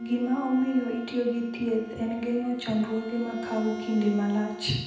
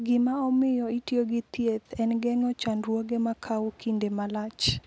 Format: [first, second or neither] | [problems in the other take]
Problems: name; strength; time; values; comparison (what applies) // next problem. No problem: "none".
second | background sound (Bowed string instrument); 15 dB below the speech // room echo; dies away in 0.9 s